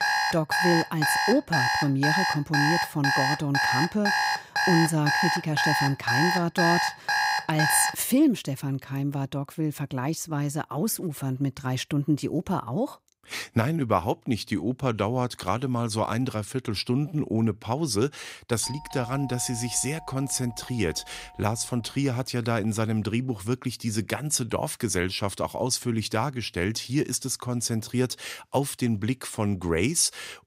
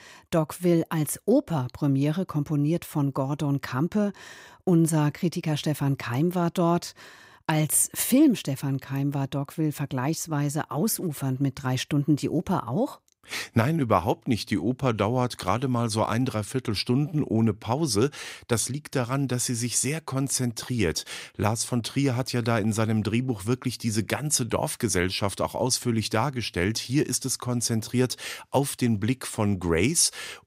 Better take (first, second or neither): second